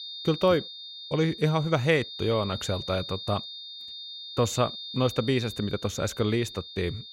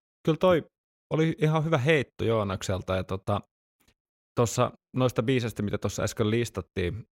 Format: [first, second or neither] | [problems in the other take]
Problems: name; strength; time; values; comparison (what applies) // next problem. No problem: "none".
second | high-pitched whine; loud; throughout; 3.5 kHz, 10 dB below the speech